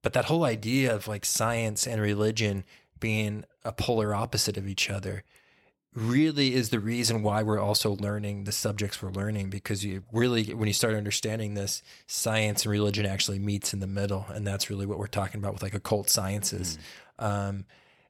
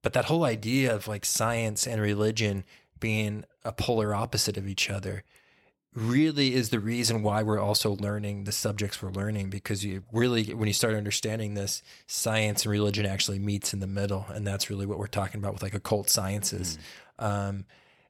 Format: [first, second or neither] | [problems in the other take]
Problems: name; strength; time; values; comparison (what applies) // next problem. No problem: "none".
neither | none